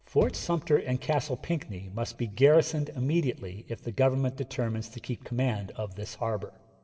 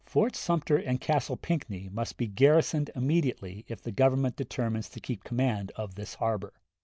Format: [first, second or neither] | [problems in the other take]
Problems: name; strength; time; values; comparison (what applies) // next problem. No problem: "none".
second | background sound (Bass drum); 12 dB below the speech // room echo; dies away in 1 s